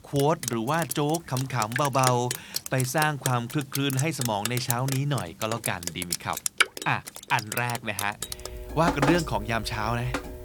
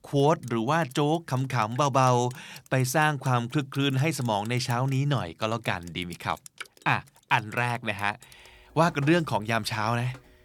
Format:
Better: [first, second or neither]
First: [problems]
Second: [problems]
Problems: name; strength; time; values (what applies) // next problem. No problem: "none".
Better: second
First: rain or running water; loud; throughout; 4 dB below the speech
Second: rain or running water; faint; throughout; 25 dB below the speech